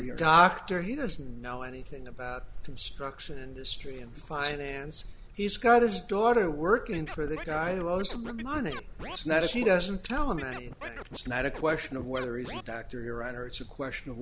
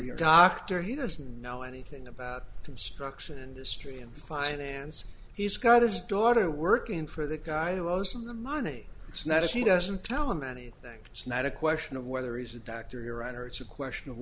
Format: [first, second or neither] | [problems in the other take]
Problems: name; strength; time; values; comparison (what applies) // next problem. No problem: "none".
second | background sound (Scratching (performance technique)); 13 dB below the speech